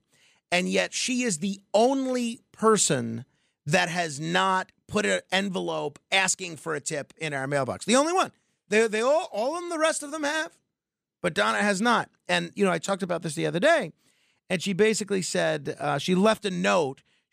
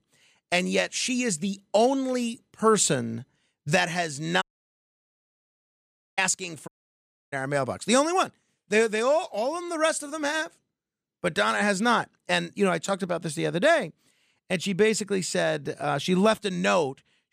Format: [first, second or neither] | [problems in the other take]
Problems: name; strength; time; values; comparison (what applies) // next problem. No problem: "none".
first | audio cutting out; at 4.5 s for 2 s and at 6.5 s for 0.5 s